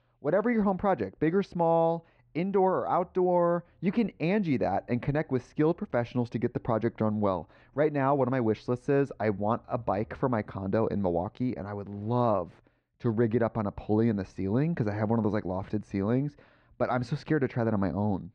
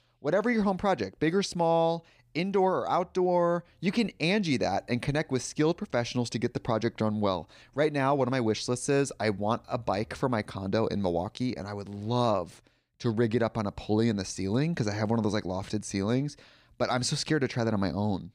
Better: second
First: muffled; very; fading above 4 kHz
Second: none

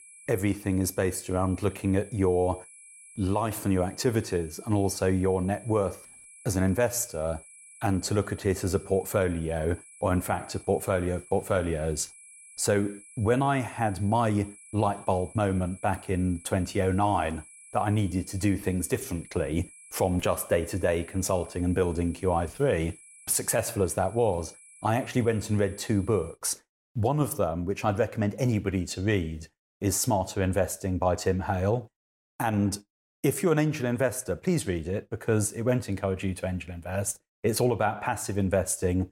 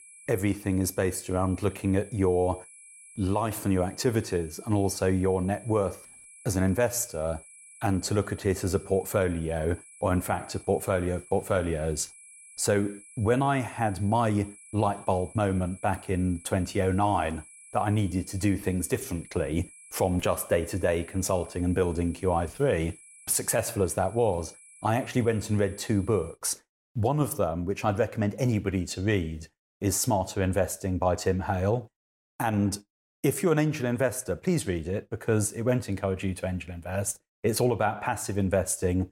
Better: neither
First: high-pitched whine; faint; until 26 s; 10.5 kHz, 20 dB below the speech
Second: high-pitched whine; faint; until 26 s; 10.5 kHz, 20 dB below the speech

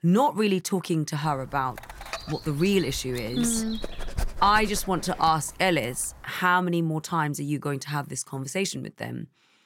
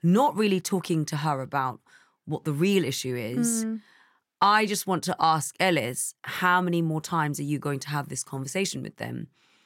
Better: second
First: dog barking; noticeable; from 2 to 5.5 s; peak 8 dB below the speech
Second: none

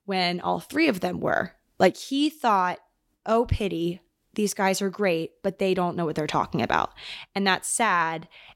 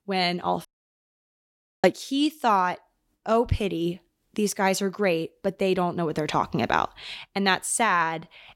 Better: first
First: none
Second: audio cutting out; at 0.5 s for 1 s

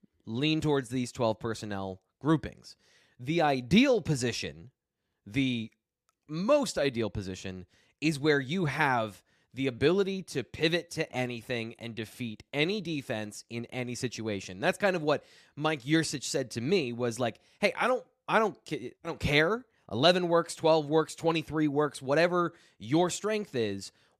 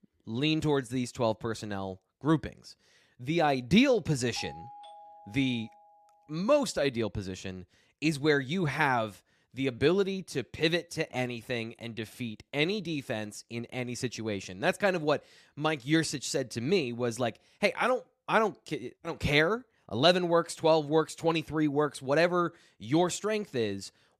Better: first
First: none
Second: doorbell; faint; from 4.5 to 6 s; peak 15 dB below the speech

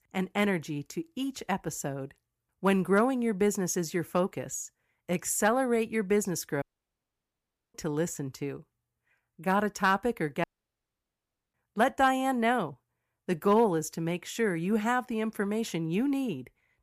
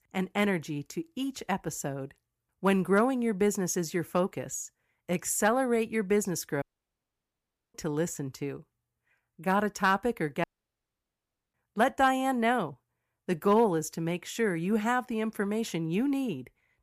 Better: neither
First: audio cutting out; at 6.5 s for 1 s and at 10 s for 1 s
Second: audio cutting out; at 6.5 s for 1 s and at 10 s for 1 s

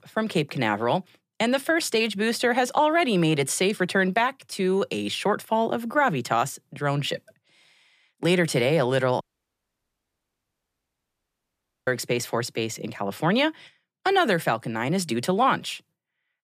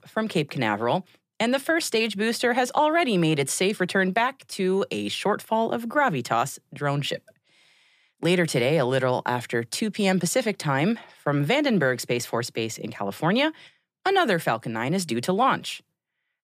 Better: second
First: audio cutting out; at 9 s for 2.5 s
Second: none

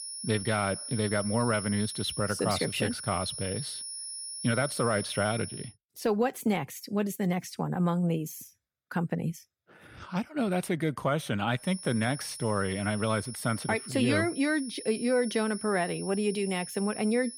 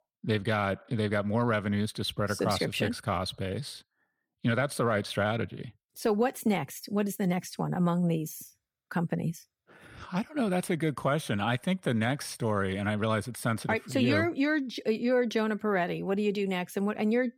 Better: second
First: high-pitched whine; loud; until 5.5 s and from 12 s on; 10.5 kHz, 8 dB below the speech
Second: none

